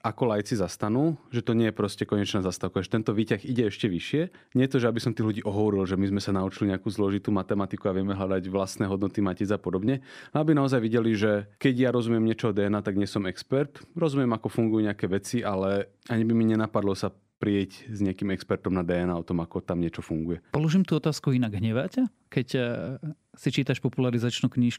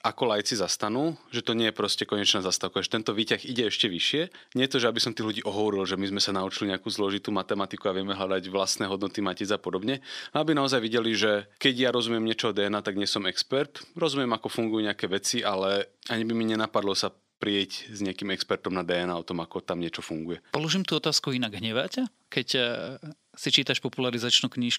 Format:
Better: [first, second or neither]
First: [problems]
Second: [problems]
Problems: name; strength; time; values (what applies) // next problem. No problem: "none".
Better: first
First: none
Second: thin; very slightly; fading below 600 Hz